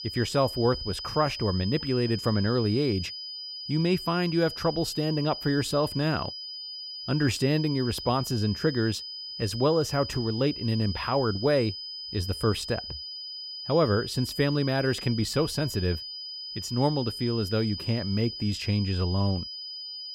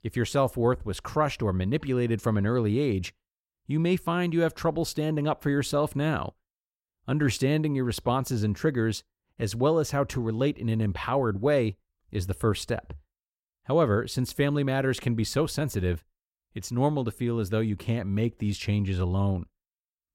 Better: second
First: high-pitched whine; loud; throughout; 5 kHz, 8 dB below the speech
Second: none

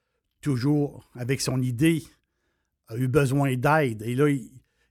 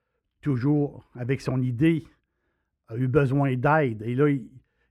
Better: first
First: none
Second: muffled; slightly; fading above 4 kHz

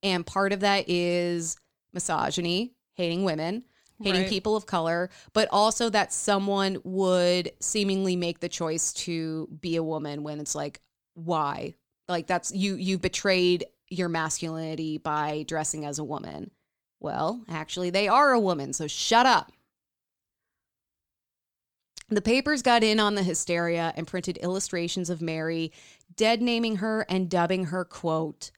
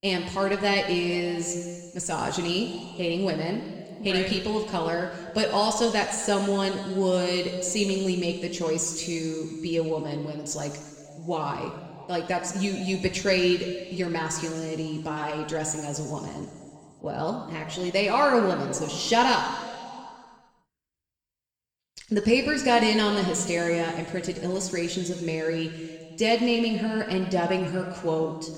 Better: first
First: none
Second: room echo; noticeable; dies away in 2 s

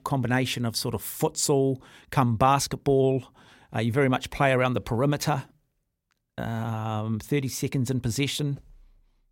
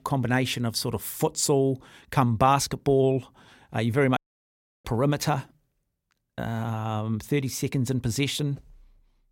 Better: first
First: none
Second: audio cutting out; at 4 s for 0.5 s

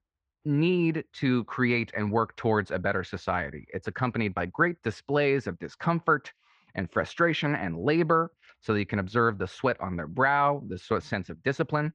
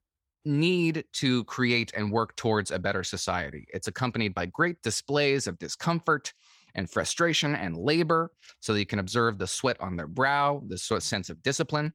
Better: second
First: muffled; very; fading above 2 kHz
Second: none

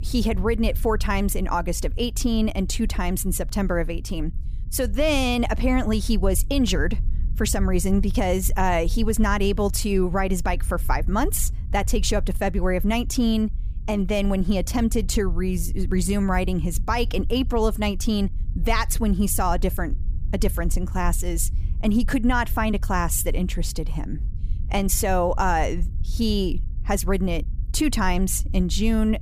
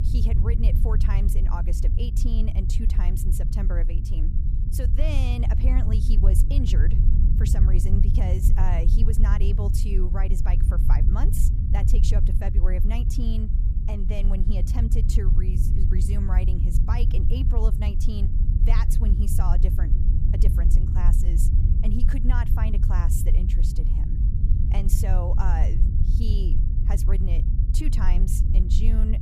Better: first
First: low rumble; faint; throughout; 25 dB below the speech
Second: low rumble; loud; throughout; 3 dB below the speech

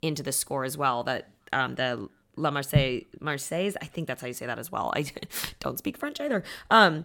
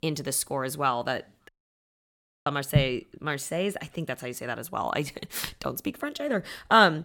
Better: first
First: none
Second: audio cutting out; at 1.5 s for 1 s

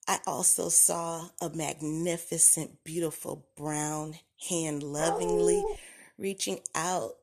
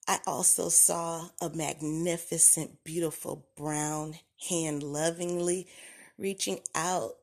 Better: second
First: dog barking; loud; at 5 s; peak level with the speech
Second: none

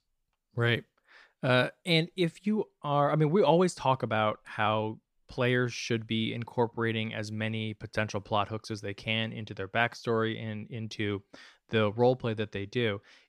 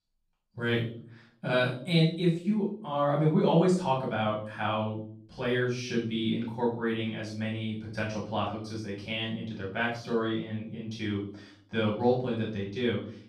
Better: first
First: none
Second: off-mic speech; far // room echo; noticeable; dies away in 0.5 s

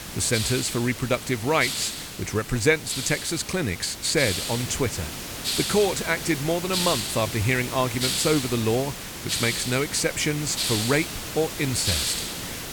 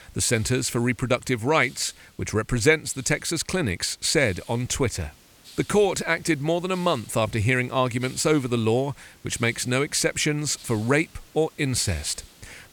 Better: second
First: hiss; loud; throughout; 4 dB below the speech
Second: hiss; faint; throughout; 25 dB below the speech

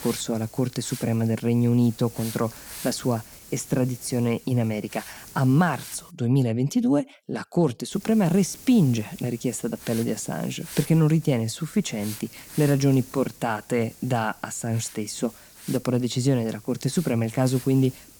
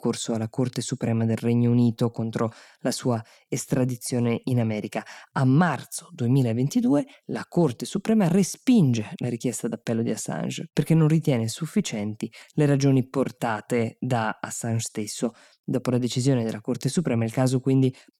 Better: second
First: hiss; noticeable; until 6 s and from 8 s on; 15 dB below the speech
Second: none

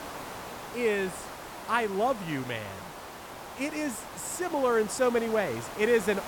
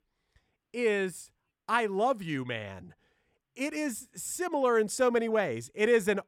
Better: second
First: hiss; noticeable; throughout; 10 dB below the speech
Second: none

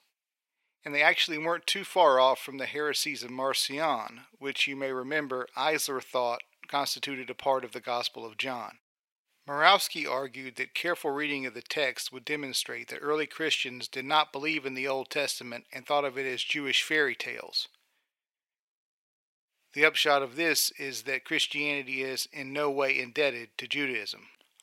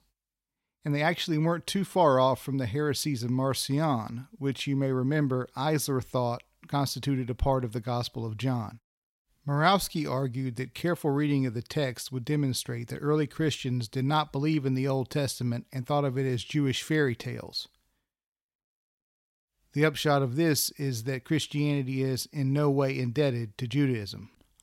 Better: second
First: thin; very; fading below 550 Hz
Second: none

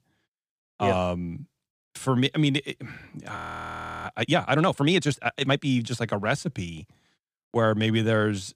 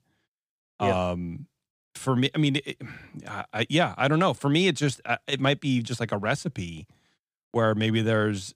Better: second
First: audio freezing; at 3.5 s for 0.5 s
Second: none

